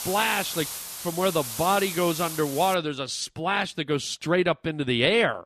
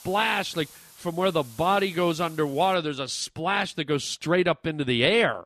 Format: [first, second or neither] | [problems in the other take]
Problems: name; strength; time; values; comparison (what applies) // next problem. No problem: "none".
second | hiss; loud; until 2.5 s; 7 dB below the speech; faint in the second